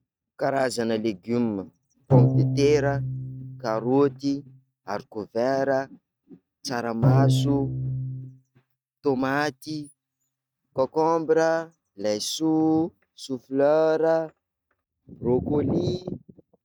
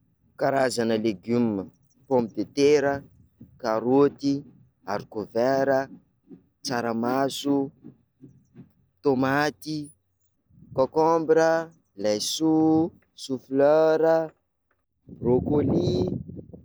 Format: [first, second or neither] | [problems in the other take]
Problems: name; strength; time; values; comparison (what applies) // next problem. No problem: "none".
second | noise reduction (neural mask model RNNoise)